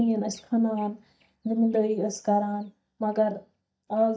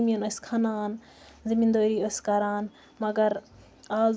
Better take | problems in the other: second | noise reduction (neural mask model DeepFilterNet 3)

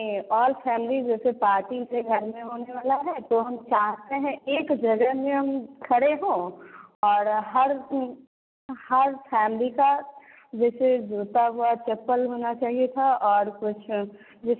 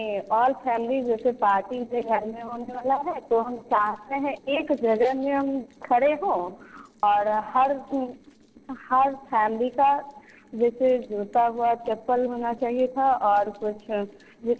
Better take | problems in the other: first | noise reduction (neural separator model SepFormer DNS4)

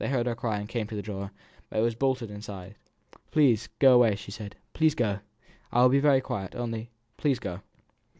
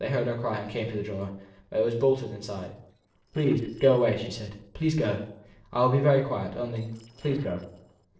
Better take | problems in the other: first | noise reduction (neural separator model SepFormer DNS4)

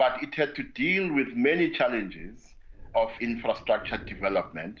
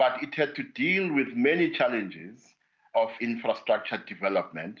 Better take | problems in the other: second | background sound (Thunder); 20 dB below the speech

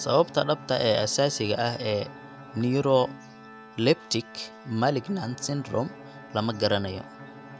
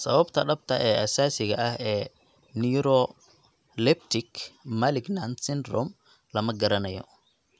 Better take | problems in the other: second | background sound (Bowed string instrument + Organ); 17 dB below the speech

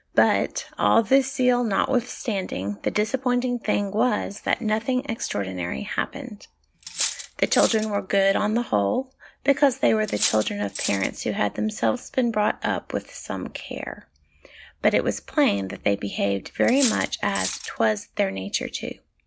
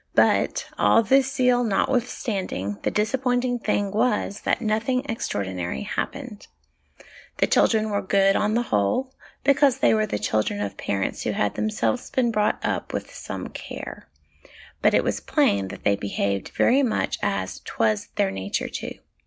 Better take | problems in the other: second | background sound (Cutlery, silverware); 7 dB below the speech

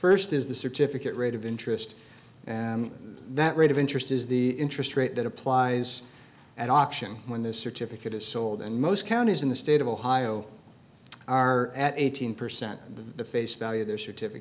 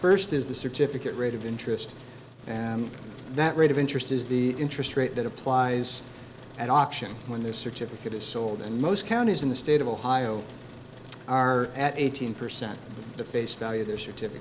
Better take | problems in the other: first | background sound (Truck); 17 dB below the speech

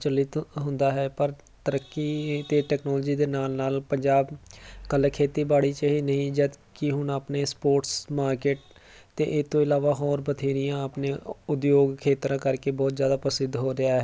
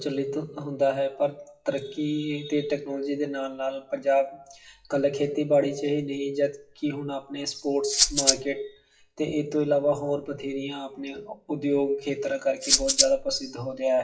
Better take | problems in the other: first | noise reduction (classical method WPE with log-MMSE)

